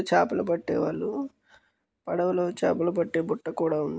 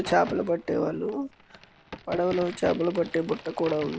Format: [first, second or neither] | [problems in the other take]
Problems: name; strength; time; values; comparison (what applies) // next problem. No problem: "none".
first | background sound (Crack); 16 dB below the speech